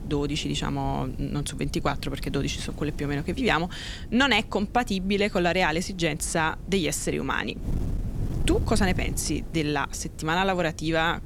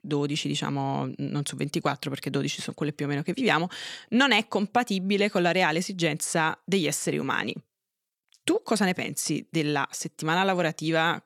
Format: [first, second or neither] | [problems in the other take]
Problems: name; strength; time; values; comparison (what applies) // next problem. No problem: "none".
second | wind noise on the microphone; occasional gusts; 20 dB below the speech